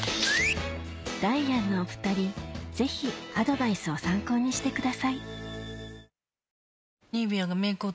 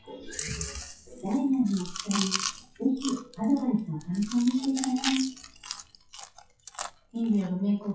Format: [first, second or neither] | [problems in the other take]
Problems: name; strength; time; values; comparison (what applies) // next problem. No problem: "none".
first | noise reduction (classical method WPE with log-MMSE)